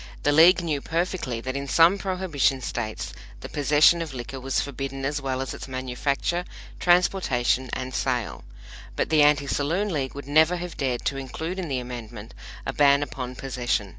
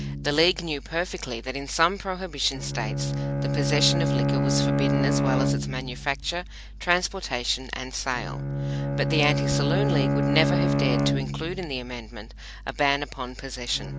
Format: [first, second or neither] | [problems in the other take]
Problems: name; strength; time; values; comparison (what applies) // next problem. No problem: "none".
first | background sound (Bowed string instrument); 1 dB above the speech